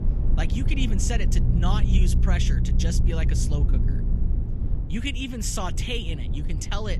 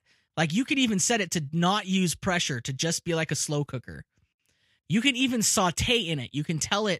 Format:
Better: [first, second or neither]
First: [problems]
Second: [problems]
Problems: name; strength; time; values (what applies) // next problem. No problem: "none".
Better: second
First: low rumble; loud; throughout; 7 dB below the speech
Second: none